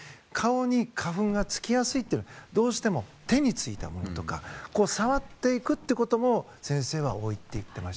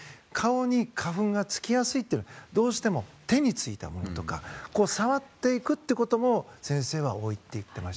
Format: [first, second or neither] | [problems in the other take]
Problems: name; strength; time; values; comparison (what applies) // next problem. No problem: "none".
second | background sound (Bird); 16 dB below the speech